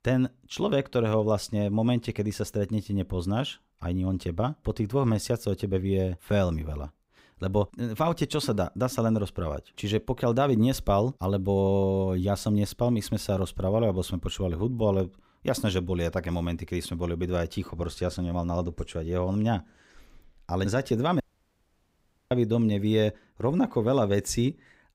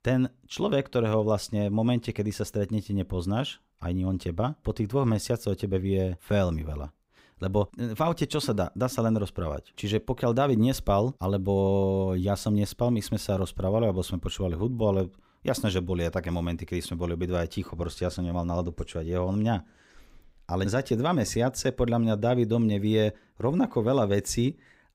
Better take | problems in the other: second | audio cutting out; at 21 s for 1 s

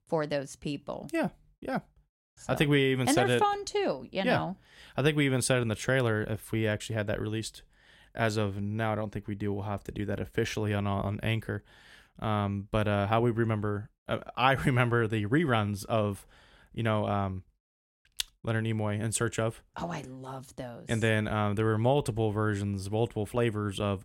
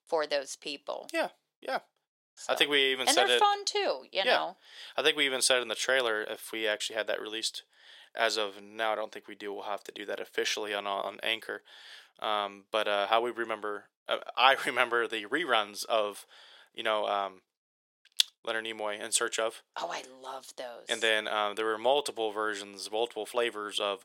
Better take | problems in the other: first | thin; very; fading below 450 Hz

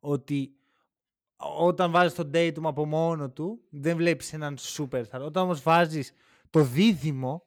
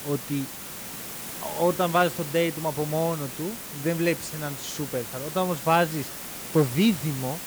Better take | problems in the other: first | hiss; loud; throughout; 7 dB below the speech

